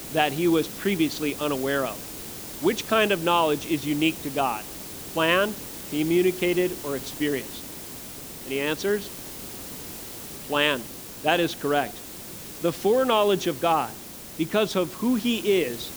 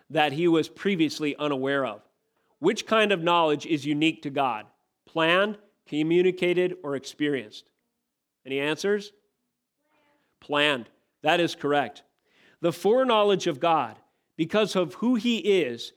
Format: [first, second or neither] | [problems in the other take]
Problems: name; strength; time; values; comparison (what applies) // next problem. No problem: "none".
second | hiss; noticeable; throughout; 10 dB below the speech